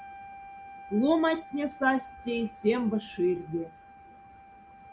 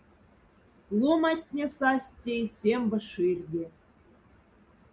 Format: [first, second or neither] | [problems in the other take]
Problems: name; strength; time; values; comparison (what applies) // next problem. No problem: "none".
second | background sound (Wind instrument, woodwind instrument); 18 dB below the speech